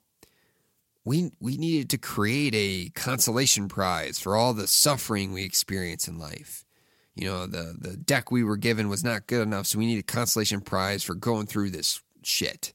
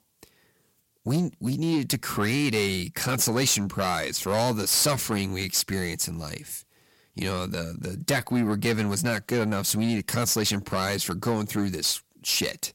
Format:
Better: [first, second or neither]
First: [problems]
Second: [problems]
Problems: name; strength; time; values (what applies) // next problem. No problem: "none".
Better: first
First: none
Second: distortion; slight; 10 dB below the speech